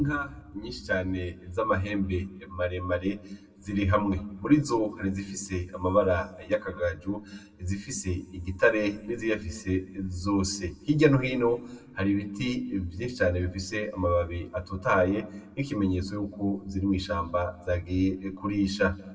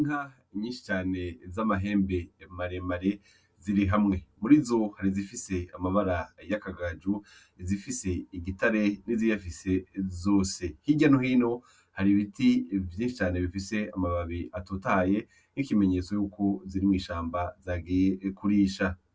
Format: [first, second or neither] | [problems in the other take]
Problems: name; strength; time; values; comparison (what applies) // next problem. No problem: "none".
second | room echo; dies away in 0.9 s